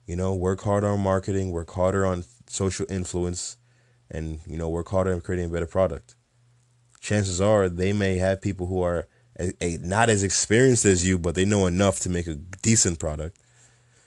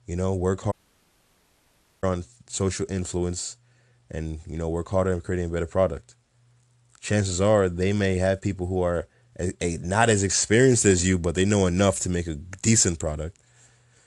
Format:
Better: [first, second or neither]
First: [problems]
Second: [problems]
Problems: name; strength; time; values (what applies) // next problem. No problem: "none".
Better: first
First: none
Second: audio cutting out; at 0.5 s for 1.5 s